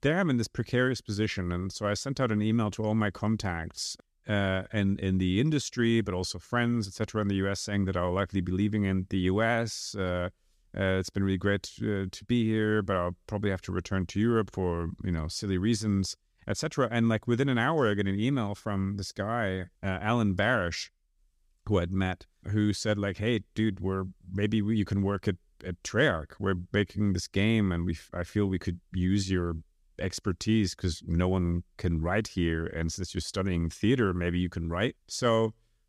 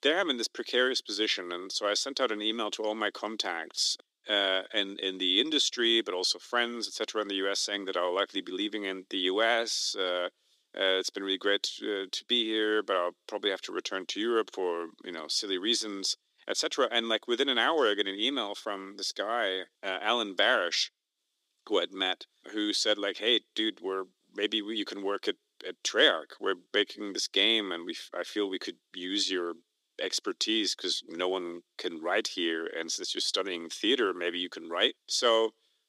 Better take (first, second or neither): first